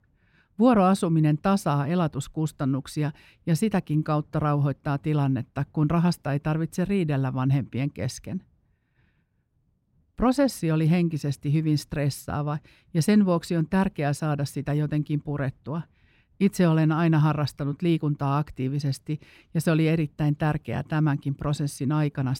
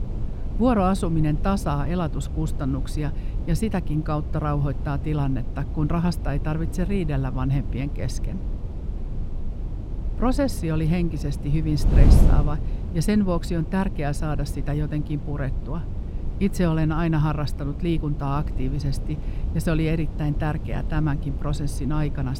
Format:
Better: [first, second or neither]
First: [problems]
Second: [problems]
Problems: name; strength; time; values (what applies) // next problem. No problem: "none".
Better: first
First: none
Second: wind noise on the microphone; occasional gusts; 10 dB below the speech